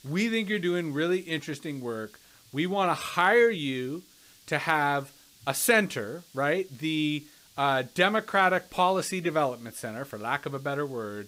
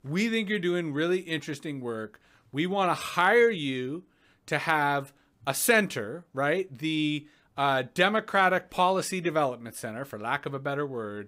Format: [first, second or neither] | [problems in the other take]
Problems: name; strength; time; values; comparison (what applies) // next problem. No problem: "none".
second | hiss; faint; throughout; 25 dB below the speech